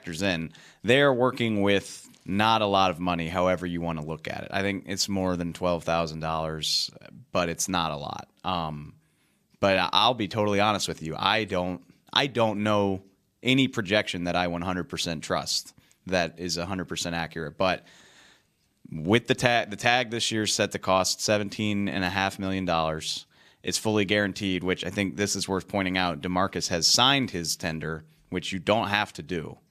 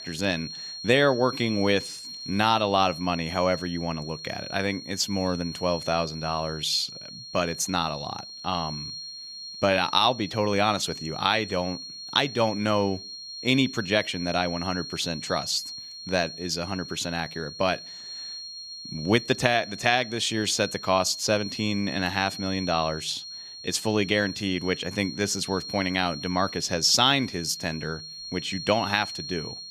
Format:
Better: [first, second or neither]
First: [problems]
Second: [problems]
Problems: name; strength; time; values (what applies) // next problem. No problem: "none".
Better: first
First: none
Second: high-pitched whine; noticeable; throughout; 4.5 kHz, 10 dB below the speech